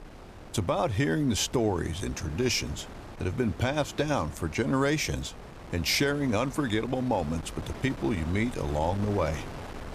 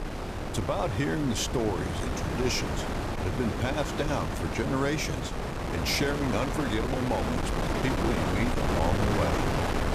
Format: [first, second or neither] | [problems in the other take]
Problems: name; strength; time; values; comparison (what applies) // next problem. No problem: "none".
first | wind noise on the microphone; heavy; as loud as the speech; occasional gusts in the first